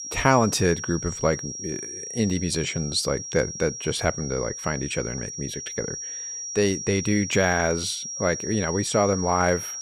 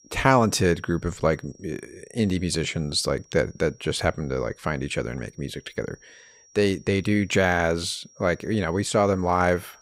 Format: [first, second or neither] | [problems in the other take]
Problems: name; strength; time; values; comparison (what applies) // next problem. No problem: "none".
second | high-pitched whine; loud; throughout; 5.5 kHz, 7 dB below the speech; faint in the second